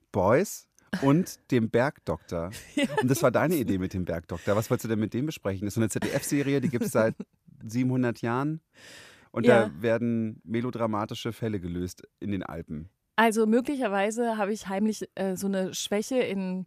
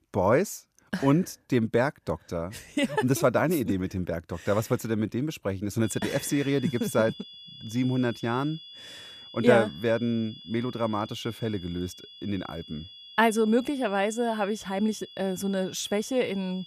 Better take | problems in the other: first | high-pitched whine; noticeable; from 6 s on; 3.5 kHz, 15 dB below the speech

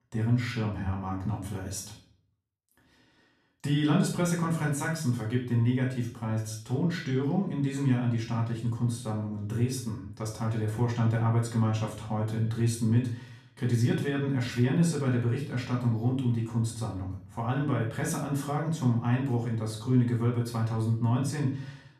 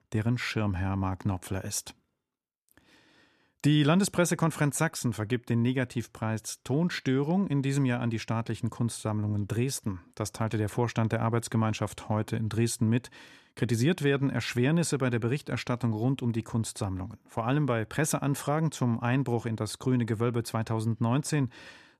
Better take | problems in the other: second | off-mic speech; far // room echo; slight; dies away in 0.5 s

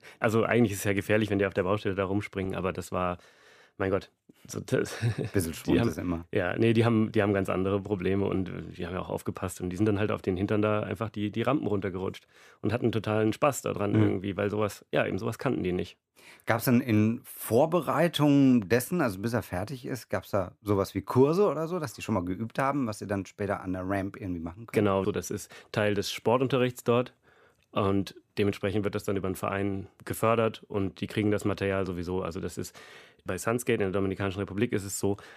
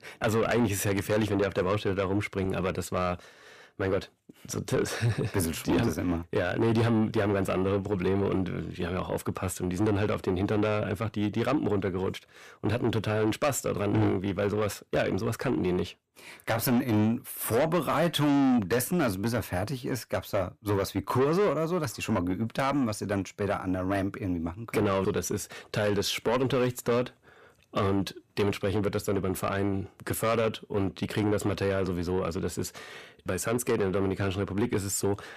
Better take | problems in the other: first | distortion; heavy; 7 dB below the speech

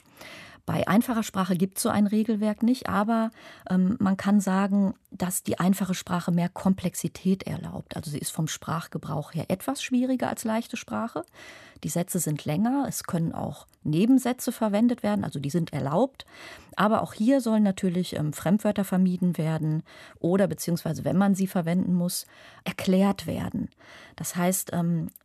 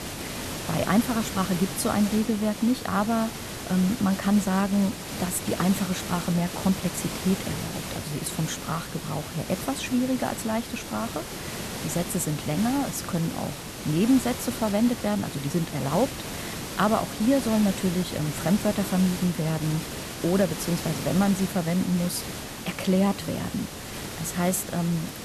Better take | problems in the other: first | hiss; loud; throughout; 7 dB below the speech

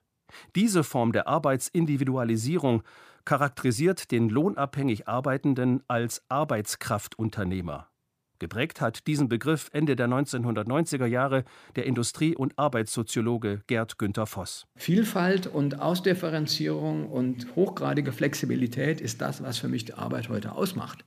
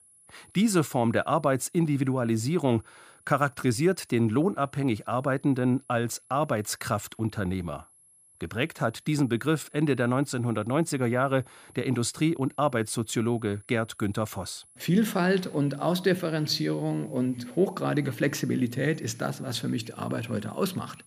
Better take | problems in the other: first | high-pitched whine; faint; throughout; 11 kHz, 25 dB below the speech

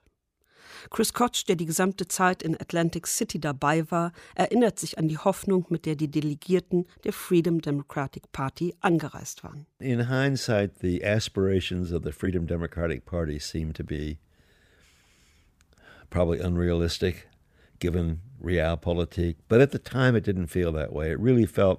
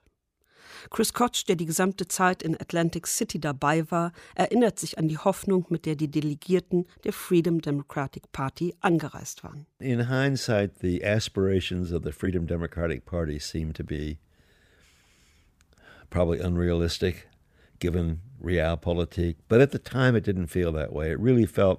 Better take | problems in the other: neither | none

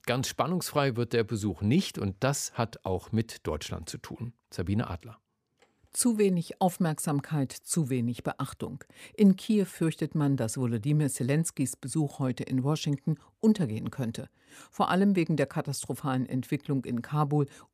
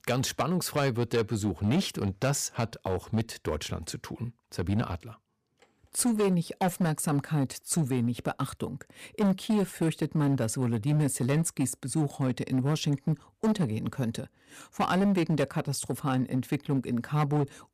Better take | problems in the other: first | distortion; slight; 8% of the sound clipped

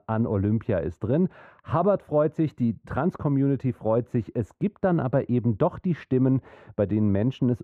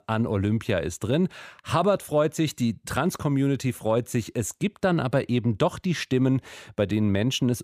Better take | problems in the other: second | muffled; very; fading above 2.5 kHz

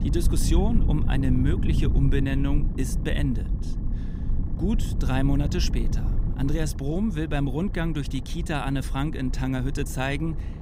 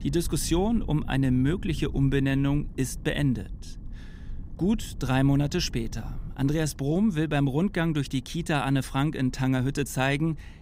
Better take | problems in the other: second | low rumble; loud; throughout; 9 dB below the speech; faint in the second

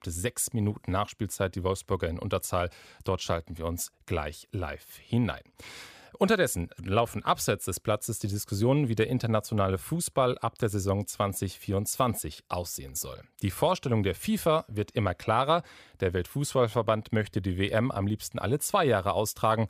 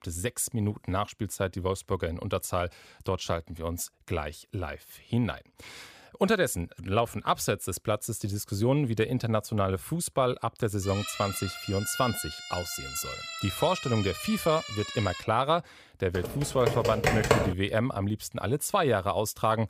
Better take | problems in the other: first | siren; noticeable; from 11 to 15 s; peak 5 dB below the speech // keyboard typing; loud; from 16 to 18 s; peak 5 dB above the speech

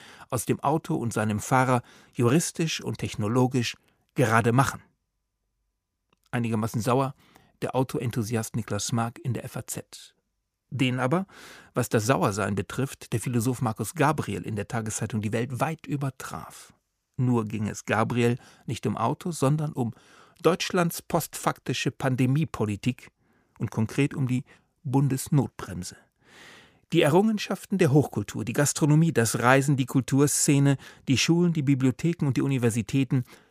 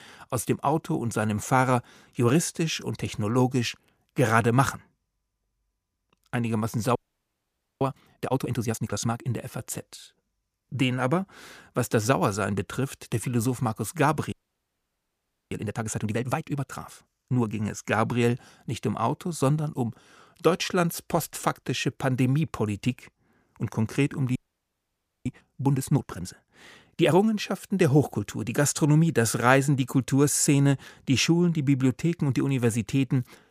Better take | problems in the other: first | audio freezing; at 7 s for 1 s, at 14 s for 1 s and at 24 s for 1 s

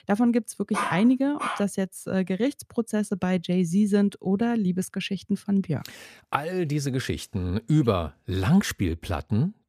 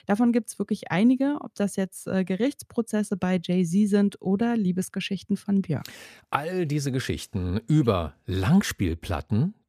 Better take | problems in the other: second | dog barking; noticeable; at 0.5 s; peak 3 dB below the speech

